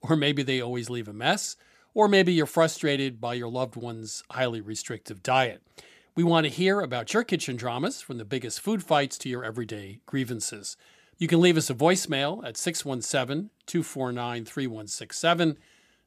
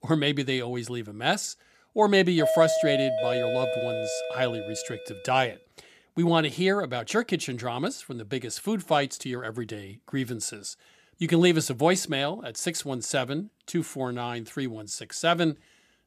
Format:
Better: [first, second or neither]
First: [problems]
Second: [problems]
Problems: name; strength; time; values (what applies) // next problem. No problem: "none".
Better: first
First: none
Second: doorbell; loud; from 2.5 to 5 s; peak 3 dB above the speech